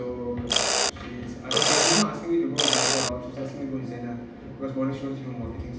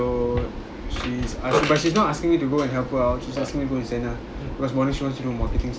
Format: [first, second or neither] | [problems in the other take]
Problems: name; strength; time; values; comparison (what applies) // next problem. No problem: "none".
second | background sound (Mechanisms); 4 dB above the speech // room echo; dies away in 0.8 s